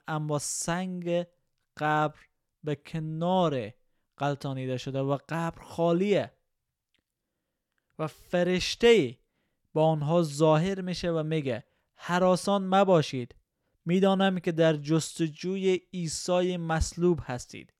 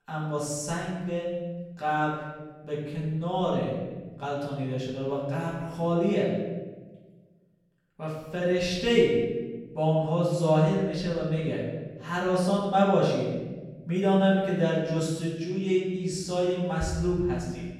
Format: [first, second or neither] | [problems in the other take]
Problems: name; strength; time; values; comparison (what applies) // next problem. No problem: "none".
first | off-mic speech; far // room echo; noticeable; dies away in 1.3 s